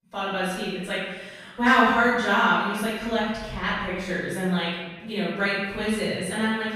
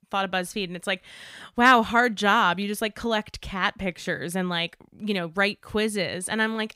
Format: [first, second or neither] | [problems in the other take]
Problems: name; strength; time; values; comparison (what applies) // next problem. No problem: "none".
second | room echo; strong; dies away in 1.1 s // off-mic speech; far